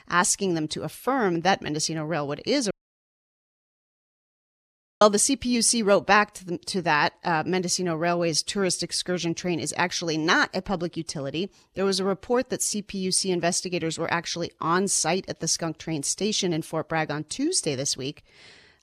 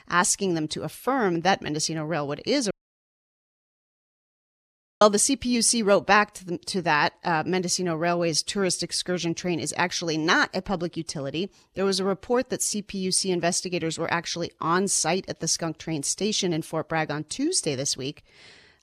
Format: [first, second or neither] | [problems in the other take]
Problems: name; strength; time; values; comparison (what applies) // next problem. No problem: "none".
neither | audio cutting out; at 2.5 s for 2.5 s; the same in both